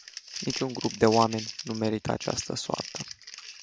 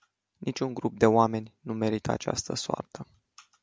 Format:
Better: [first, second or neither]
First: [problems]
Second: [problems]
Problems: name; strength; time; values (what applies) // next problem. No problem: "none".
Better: second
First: background sound (Crumpling, crinkling); 11 dB below the speech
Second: none